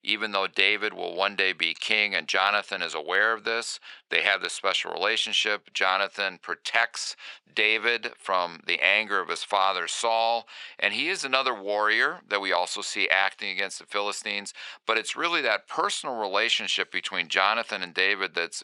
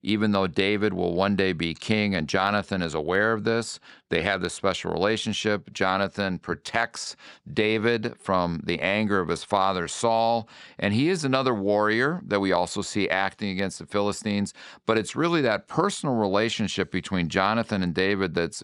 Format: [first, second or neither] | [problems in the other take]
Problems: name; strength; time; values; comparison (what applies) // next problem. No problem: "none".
second | thin; very; fading below 650 Hz